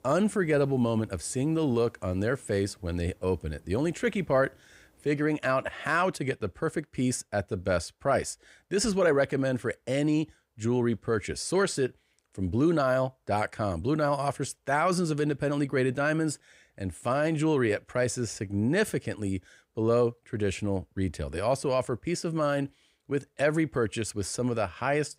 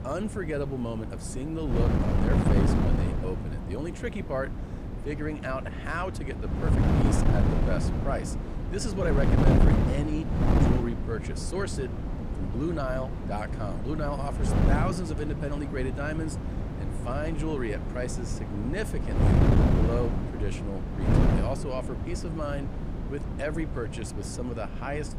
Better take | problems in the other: first | wind noise on the microphone; heavy; 1 dB below the speech

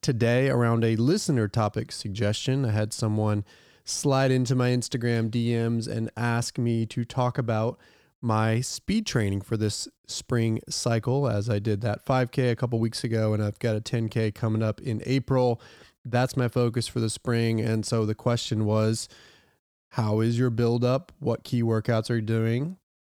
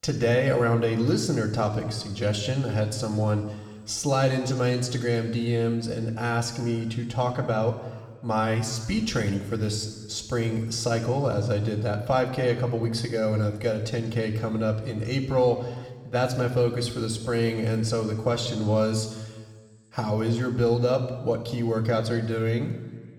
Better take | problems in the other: first | room echo; slight; dies away in 1.4 s

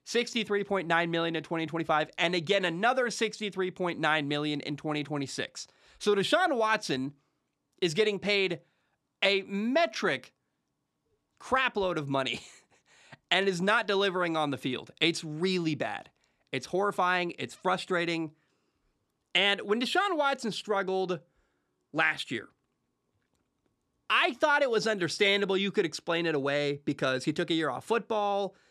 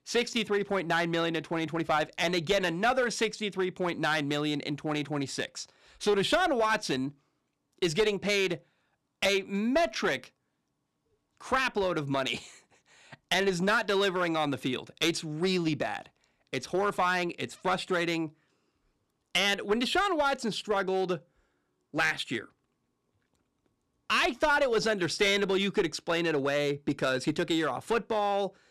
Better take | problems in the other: first | distortion; slight; 3% of the sound clipped

